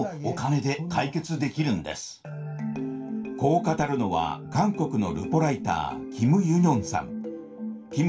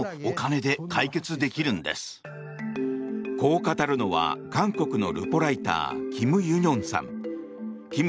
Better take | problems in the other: second | room echo; dies away in 0.2 s

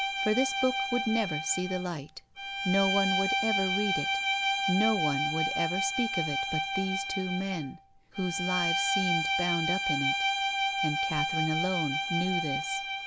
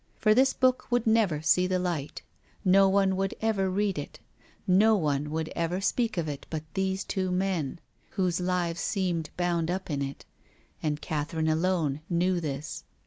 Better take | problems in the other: second | background sound (Bowed string instrument); 2 dB above the speech

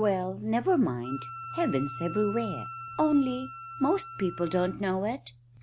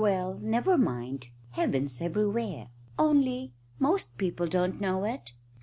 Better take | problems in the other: second | background sound (Wind instrument, woodwind instrument); 14 dB below the speech

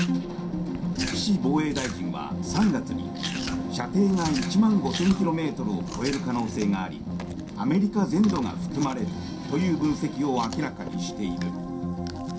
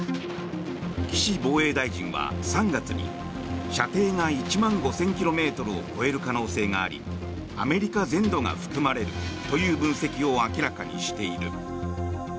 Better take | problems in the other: second | background sound (Chewing, mastication); 15 dB below the speech // room echo; dies away in 0.3 s

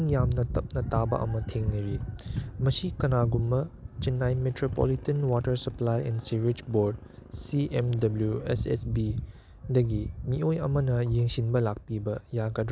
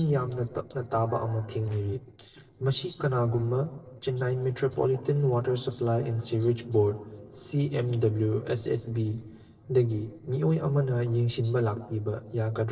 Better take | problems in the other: first | noise reduction (neural separator model SepFormer DNS4)

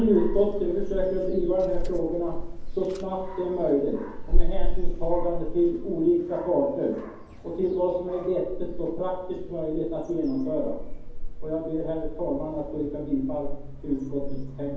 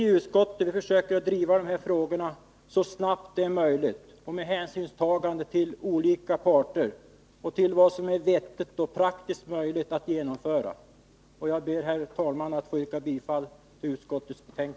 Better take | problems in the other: second | background sound (Dog); as loud as the speech // room echo; dies away in 0.9 s

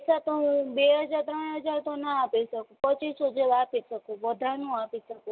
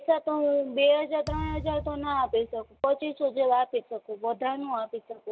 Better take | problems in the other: first | background sound (Thump, thud); 13 dB below the speech

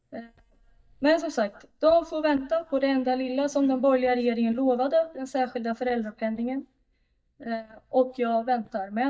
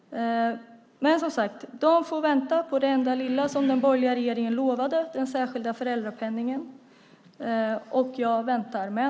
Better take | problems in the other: second | noise reduction (neural mask model DeepFilterNet 3)

